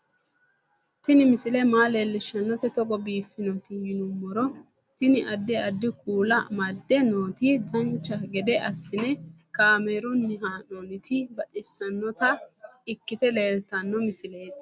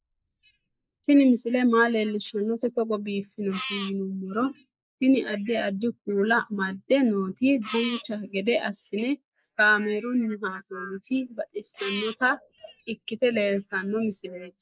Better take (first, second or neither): first